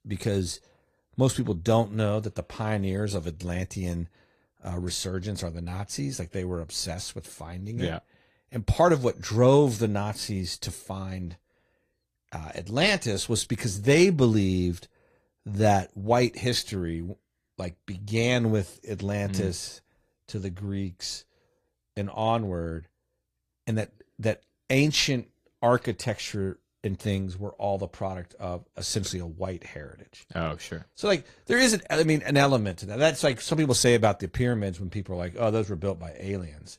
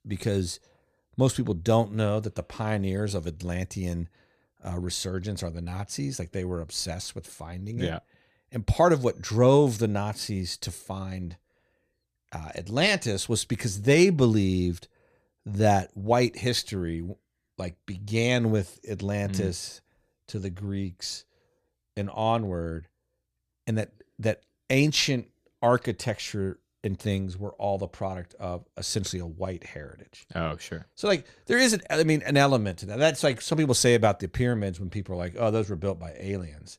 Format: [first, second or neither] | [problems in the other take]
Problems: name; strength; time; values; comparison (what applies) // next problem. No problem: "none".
second | garbled, watery; slightly; nothing above 14.5 kHz